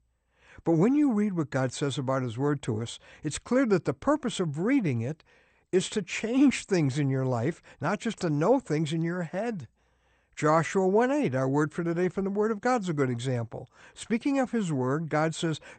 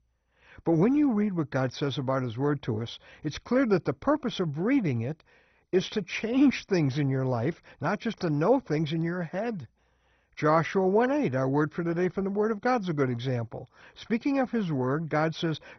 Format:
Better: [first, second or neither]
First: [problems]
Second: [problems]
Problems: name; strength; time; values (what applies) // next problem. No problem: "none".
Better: first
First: garbled, watery; slightly; nothing above 8.5 kHz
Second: garbled, watery; badly; nothing above 6 kHz